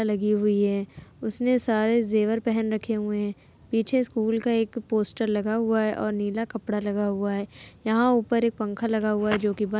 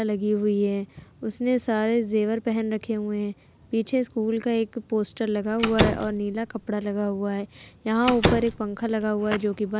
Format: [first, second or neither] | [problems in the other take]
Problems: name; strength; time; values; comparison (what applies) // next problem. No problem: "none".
first | background sound (Slam); 3 dB below the speech